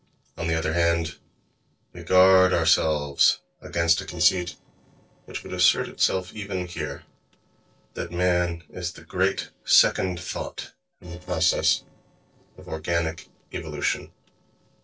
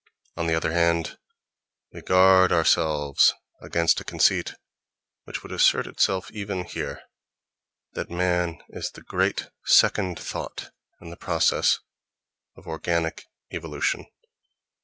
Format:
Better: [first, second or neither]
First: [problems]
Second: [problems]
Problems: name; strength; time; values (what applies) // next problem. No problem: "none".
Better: second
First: noise reduction (neural separator model SepFormer DNS4)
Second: none